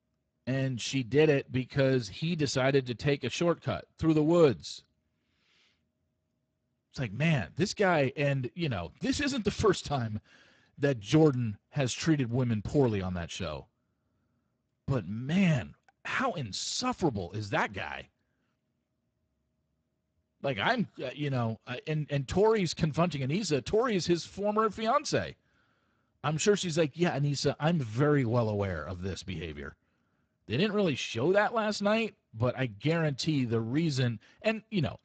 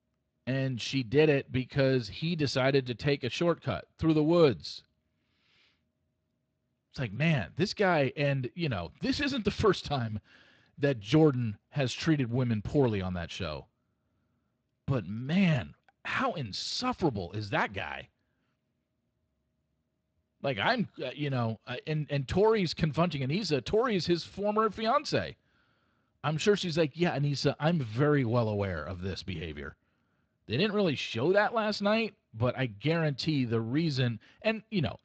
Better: second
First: garbled, watery; badly; nothing above 7.5 kHz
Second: garbled, watery; slightly; nothing above 8 kHz

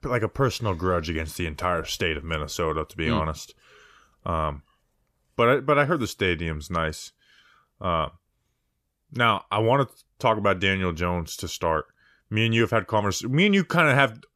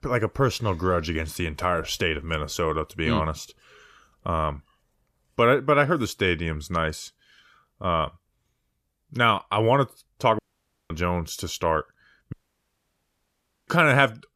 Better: first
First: none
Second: audio cutting out; at 10 s for 0.5 s and at 12 s for 1.5 s

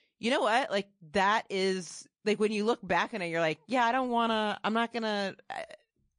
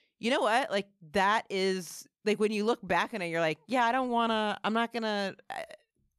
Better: second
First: garbled, watery; slightly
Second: none

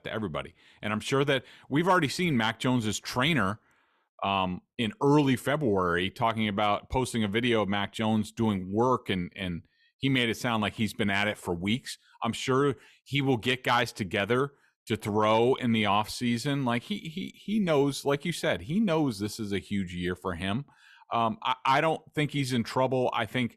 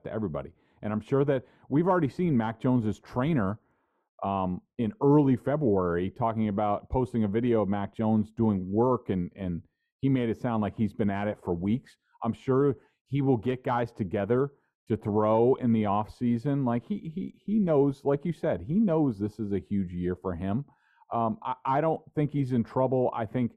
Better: first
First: none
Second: muffled; very; fading above 1.5 kHz

